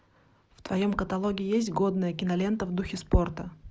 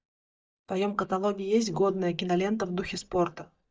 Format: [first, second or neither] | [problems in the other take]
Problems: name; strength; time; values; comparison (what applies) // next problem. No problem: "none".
first | noise reduction (neural mask model DeepFilterNet 3)